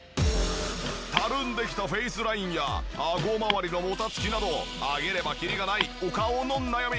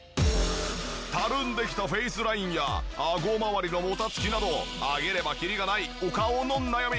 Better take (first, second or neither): second